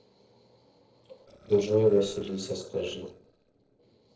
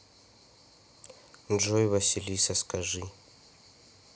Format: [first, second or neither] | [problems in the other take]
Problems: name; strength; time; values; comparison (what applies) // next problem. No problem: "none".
second | noise reduction (neural separator model SepFormer DNS4)